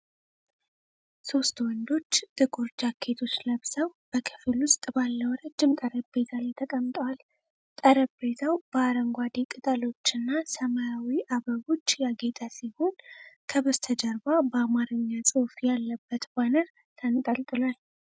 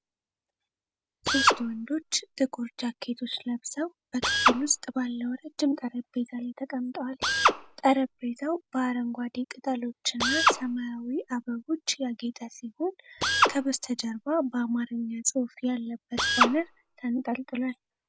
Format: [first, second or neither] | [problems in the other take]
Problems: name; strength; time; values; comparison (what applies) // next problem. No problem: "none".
first | background sound (Drill); 1 dB below the speech